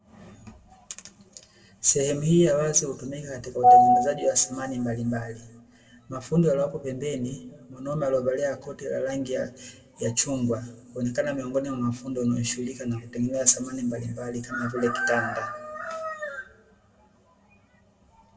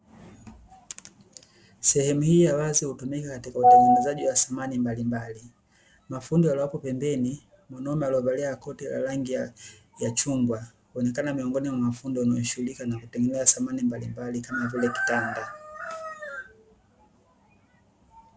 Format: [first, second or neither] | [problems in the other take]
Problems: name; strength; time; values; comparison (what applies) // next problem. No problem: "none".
second | room echo; dies away in 0.8 s